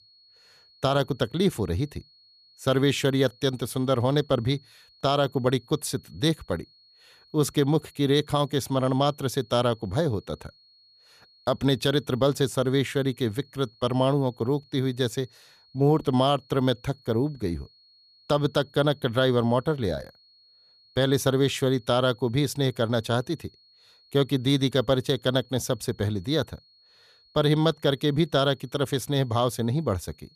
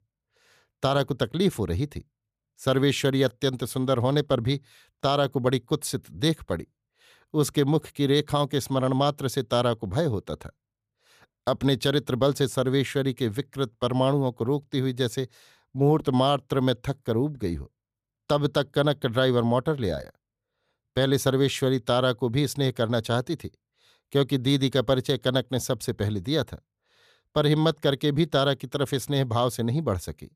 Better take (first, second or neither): second